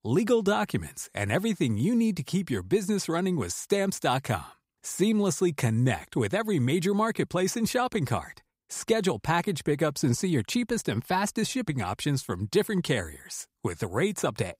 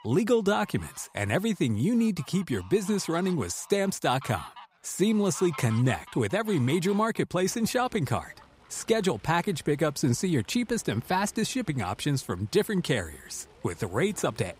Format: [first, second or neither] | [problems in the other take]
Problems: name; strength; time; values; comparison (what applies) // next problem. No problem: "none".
first | animal sounds; faint; throughout; 20 dB below the speech